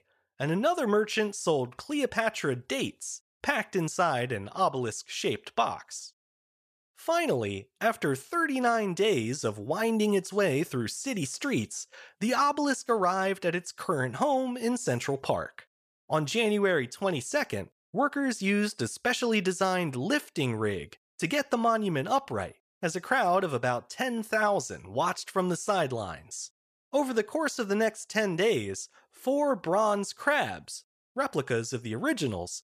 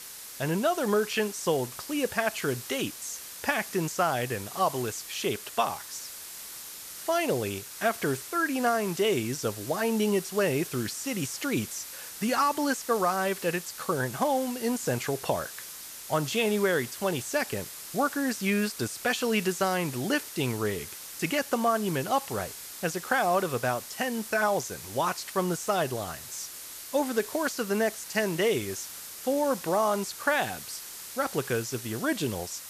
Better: first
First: none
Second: hiss; noticeable; throughout; 10 dB below the speech

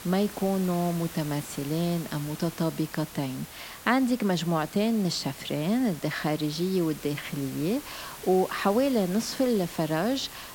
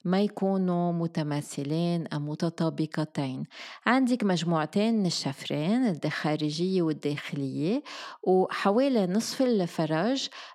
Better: second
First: hiss; noticeable; throughout; 15 dB below the speech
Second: none

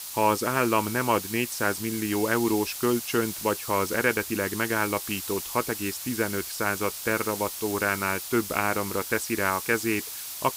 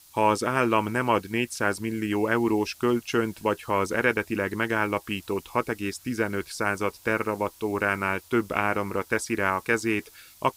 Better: second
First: hiss; loud; throughout; 6 dB below the speech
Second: hiss; faint; throughout; 25 dB below the speech

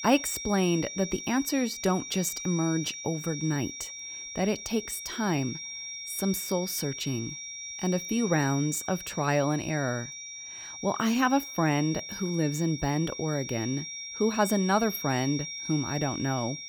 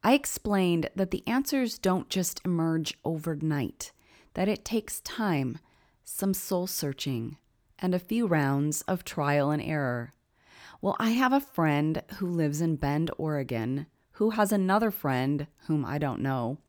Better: second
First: high-pitched whine; loud; throughout; 5.5 kHz, 8 dB below the speech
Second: none

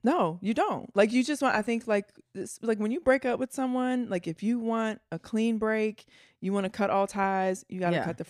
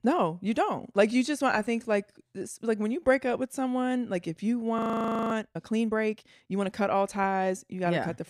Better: first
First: none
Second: audio freezing; at 5 s for 0.5 s

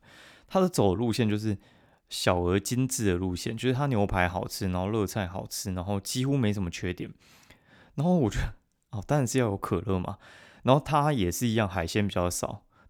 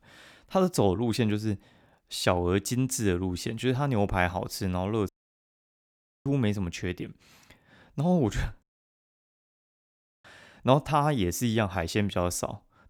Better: first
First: none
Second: audio cutting out; at 5 s for 1 s and at 8.5 s for 1.5 s

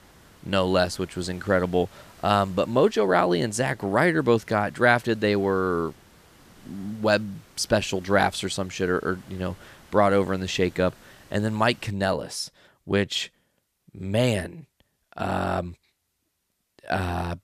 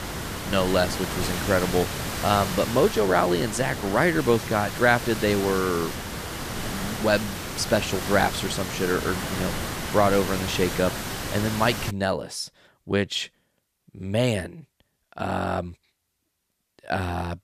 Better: first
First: hiss; faint; until 12 s; 25 dB below the speech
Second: hiss; loud; until 12 s; 6 dB below the speech

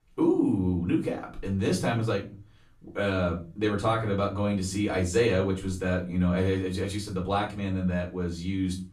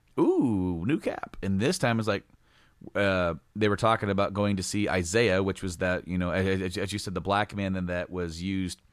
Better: second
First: room echo; slight; dies away in 0.4 s // off-mic speech; far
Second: none

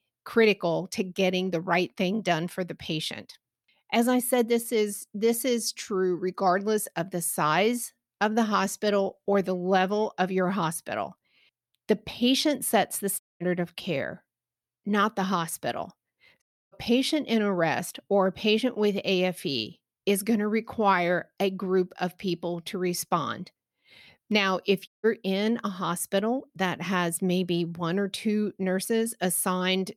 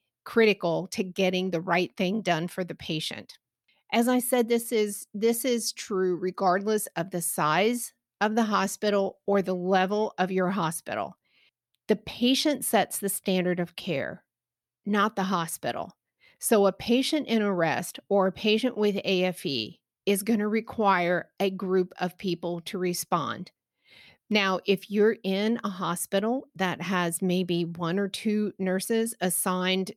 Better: second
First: audio cutting out; at 13 s, at 16 s and at 25 s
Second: none

